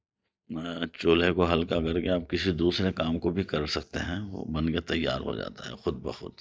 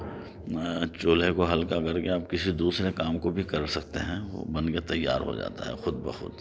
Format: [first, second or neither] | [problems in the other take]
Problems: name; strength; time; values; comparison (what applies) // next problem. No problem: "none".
second | noise reduction (neural mask model DeepFilterNet 3)